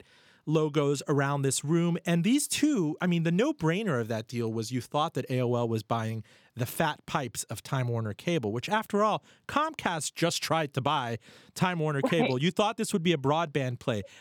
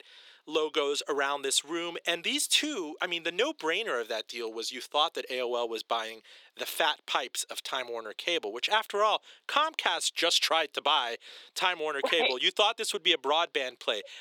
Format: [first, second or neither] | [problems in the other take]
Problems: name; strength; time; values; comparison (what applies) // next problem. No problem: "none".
first | thin; very; fading below 400 Hz